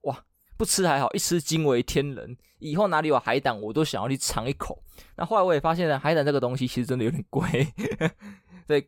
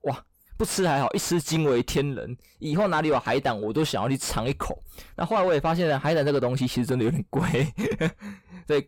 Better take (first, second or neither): first